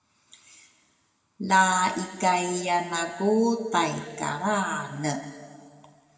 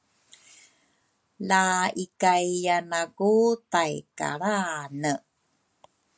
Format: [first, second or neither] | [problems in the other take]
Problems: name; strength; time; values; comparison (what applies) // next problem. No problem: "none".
second | room echo; dies away in 1.6 s